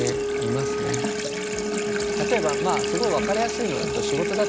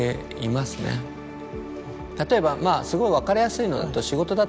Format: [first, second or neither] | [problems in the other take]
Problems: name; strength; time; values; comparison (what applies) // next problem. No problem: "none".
second | background sound (Wind instrument, woodwind instrument + Sink (filling or washing) / Water tap, faucet); 2 dB above the speech